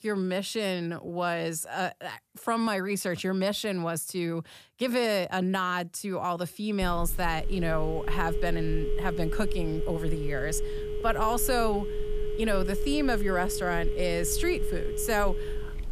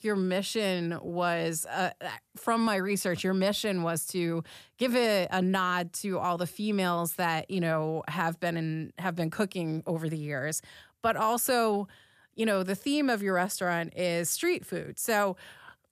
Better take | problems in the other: second | phone ringing; noticeable; from 7 s on; peak 3 dB below the speech

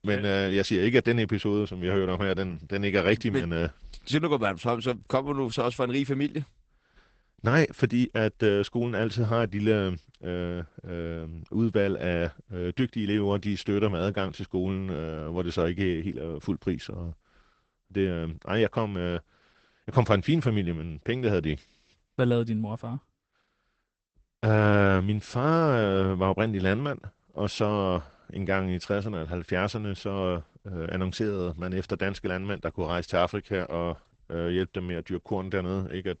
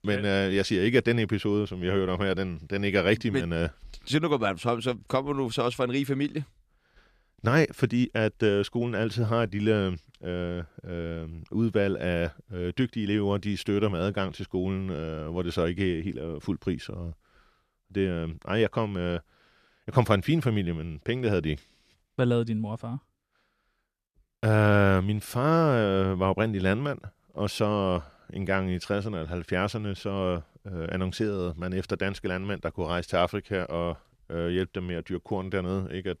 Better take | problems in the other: second | garbled, watery; badly; nothing above 8 kHz

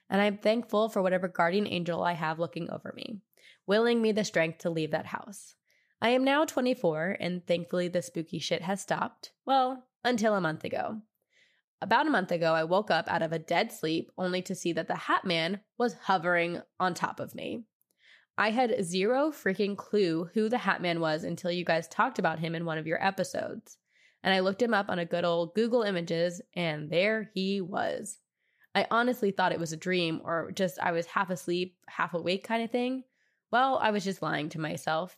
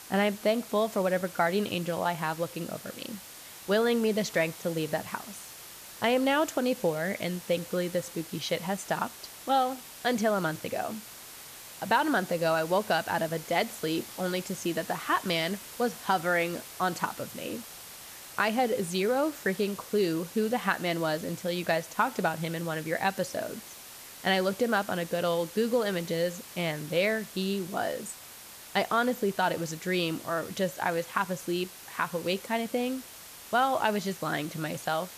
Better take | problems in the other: first | hiss; noticeable; throughout; 15 dB below the speech

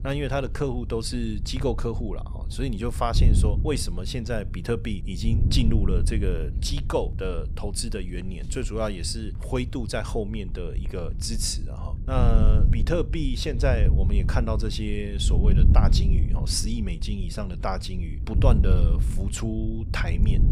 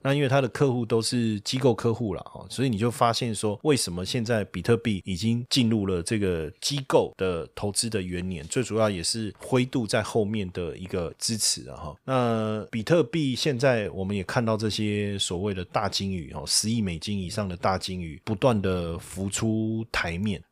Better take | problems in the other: second | wind noise on the microphone; occasional gusts; 10 dB below the speech

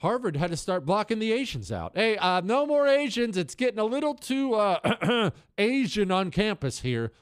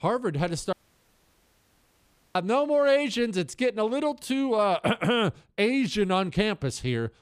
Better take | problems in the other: first | audio cutting out; at 0.5 s for 1.5 s

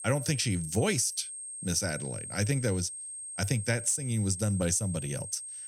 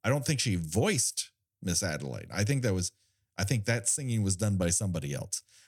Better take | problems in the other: second | high-pitched whine; loud; throughout; 8.5 kHz, 8 dB below the speech

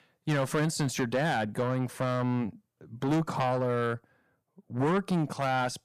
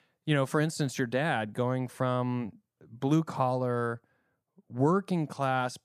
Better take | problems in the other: second | distortion; heavy; 7 dB below the speech

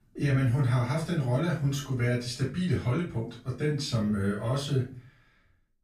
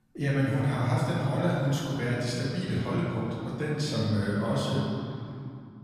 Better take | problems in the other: first | room echo; strong; dies away in 2.5 s; slight in the first // off-mic speech; far; far in the first

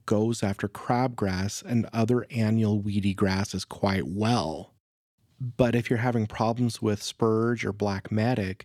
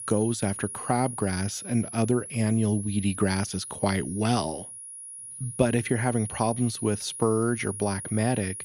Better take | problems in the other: first | high-pitched whine; loud; throughout; 10.5 kHz, 9 dB below the speech

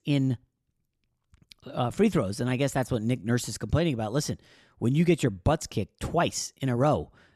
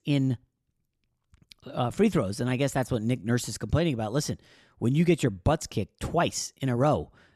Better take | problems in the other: neither | none

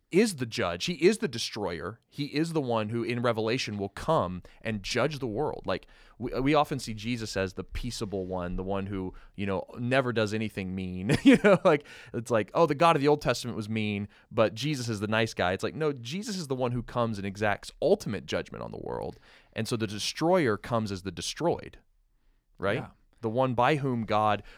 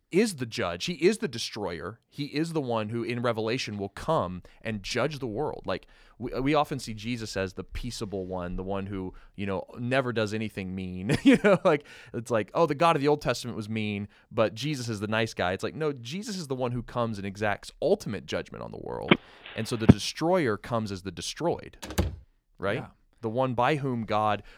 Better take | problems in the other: first | phone ringing; loud; at 19 s; peak 7 dB above the speech // door banging; noticeable; at 22 s; peak 2 dB below the speech

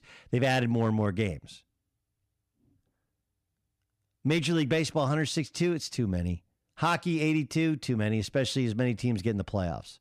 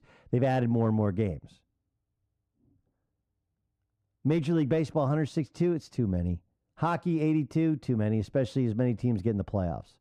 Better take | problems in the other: first | muffled; slightly; fading above 1.5 kHz

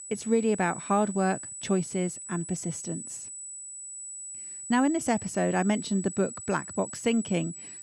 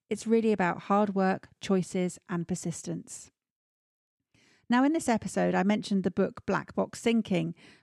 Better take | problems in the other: second | high-pitched whine; loud; throughout; 8 kHz, 9 dB below the speech

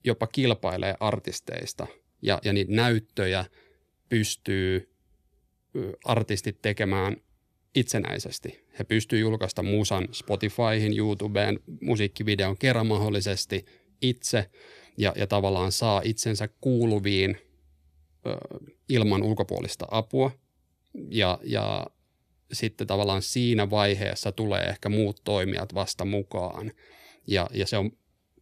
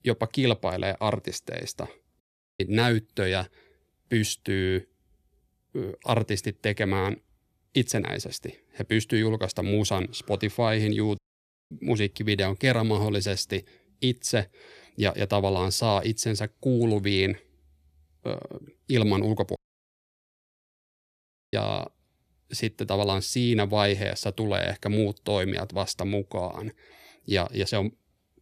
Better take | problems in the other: first | audio cutting out; at 2 s, at 11 s for 0.5 s and at 20 s for 2 s

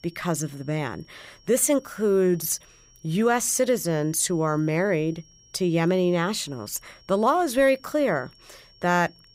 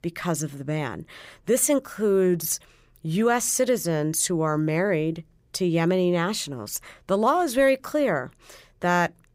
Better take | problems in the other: second | high-pitched whine; faint; throughout; 5.5 kHz, 30 dB below the speech

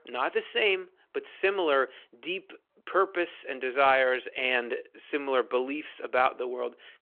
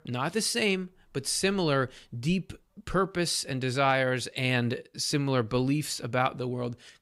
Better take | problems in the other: second | phone-call audio

